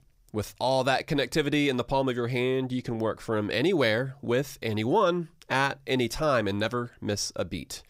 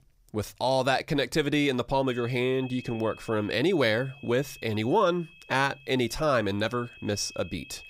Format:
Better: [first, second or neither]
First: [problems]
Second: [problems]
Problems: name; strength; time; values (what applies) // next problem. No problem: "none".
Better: first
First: none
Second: high-pitched whine; noticeable; from 2 s on; 2.5 kHz, 20 dB below the speech